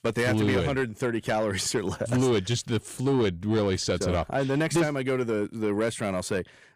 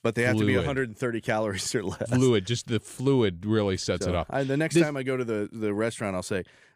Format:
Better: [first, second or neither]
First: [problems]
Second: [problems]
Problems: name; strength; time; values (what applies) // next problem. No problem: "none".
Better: second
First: distortion; slight; 10 dB below the speech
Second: none